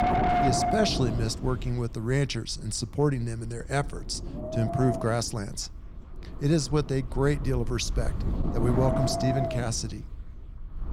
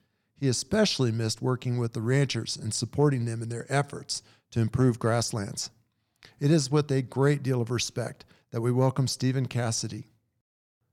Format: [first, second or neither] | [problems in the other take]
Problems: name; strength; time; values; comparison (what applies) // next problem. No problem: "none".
second | wind noise on the microphone; heavy; 2 dB above the speech